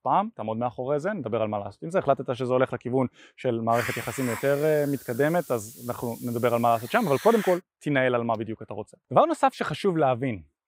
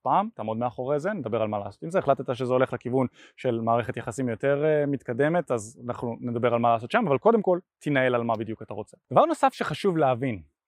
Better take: second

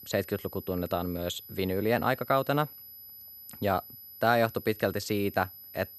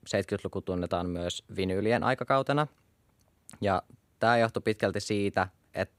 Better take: second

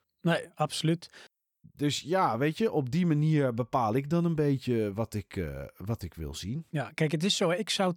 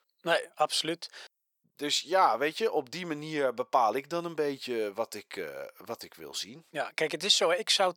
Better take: first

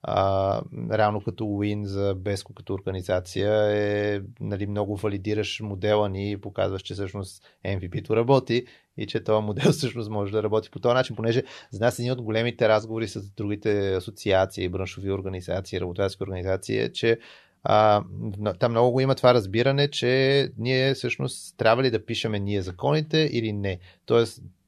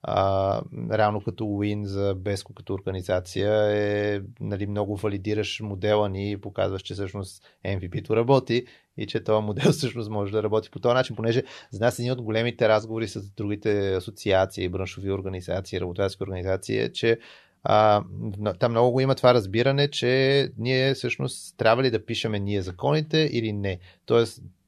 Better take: neither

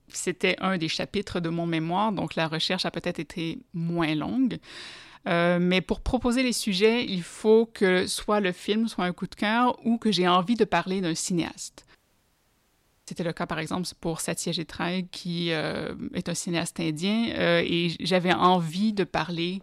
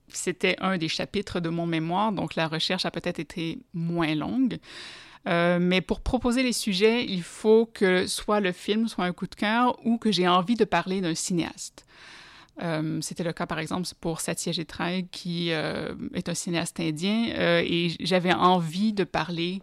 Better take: second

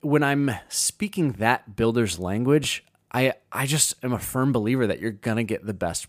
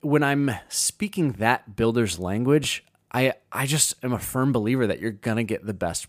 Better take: neither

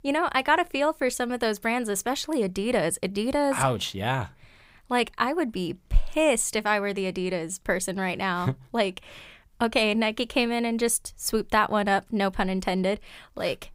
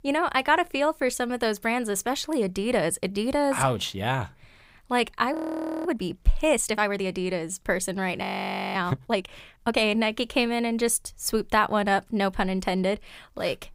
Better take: first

